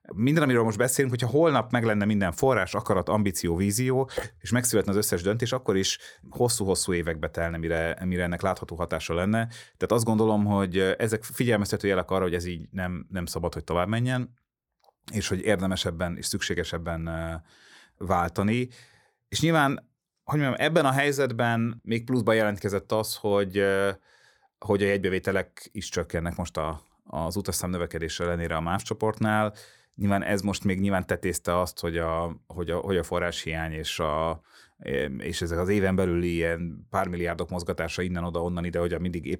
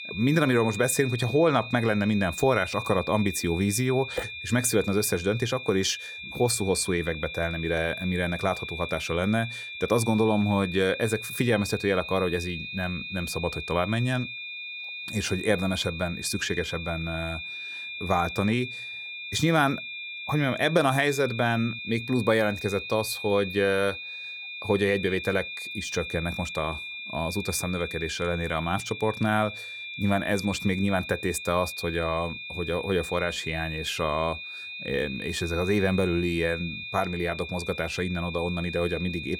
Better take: first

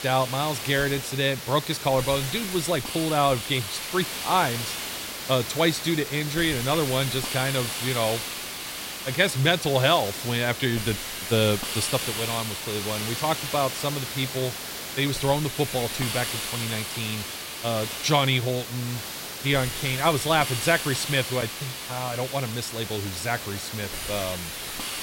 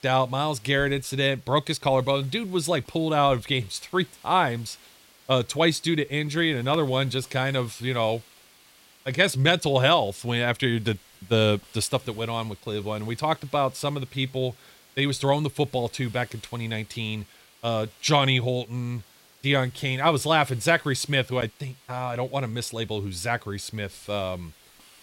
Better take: second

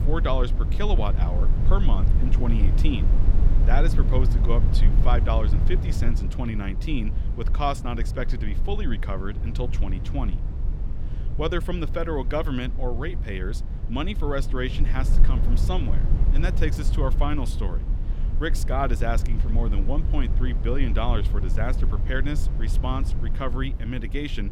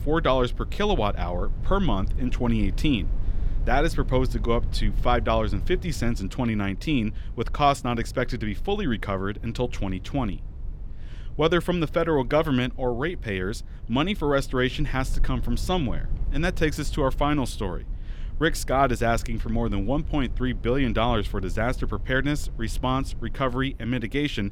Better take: second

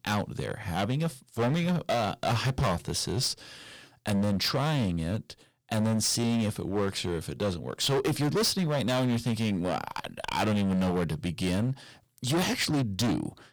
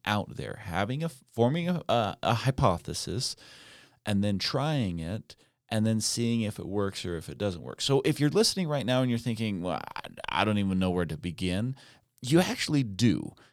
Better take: second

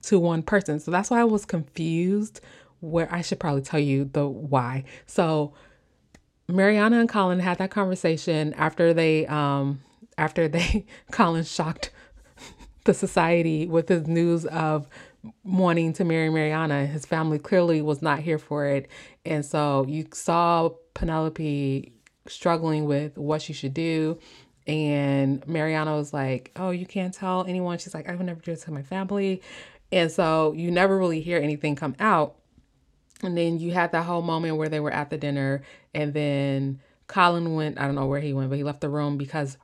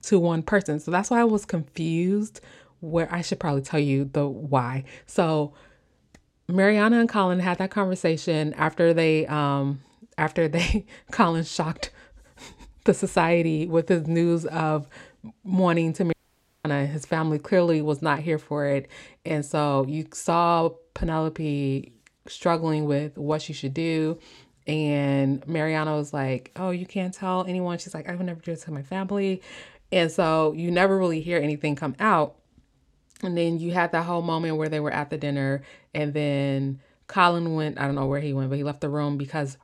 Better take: first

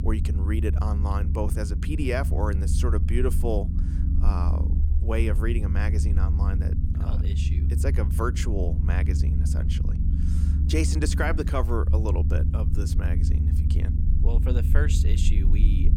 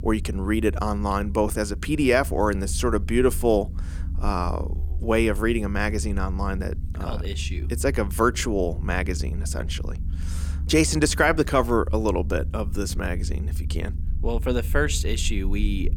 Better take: second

